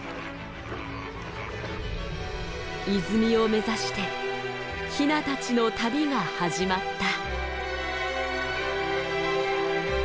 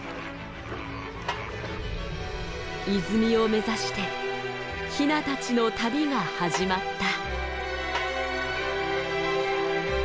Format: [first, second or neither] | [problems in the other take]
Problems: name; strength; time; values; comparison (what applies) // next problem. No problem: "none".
first | background sound (Snare drum); 12 dB below the speech